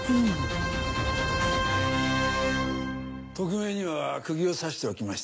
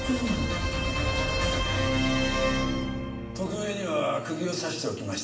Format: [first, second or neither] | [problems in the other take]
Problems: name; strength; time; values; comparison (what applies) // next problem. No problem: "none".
first | background sound (Bowed string instrument); 14 dB below the speech // room echo; dies away in 1 s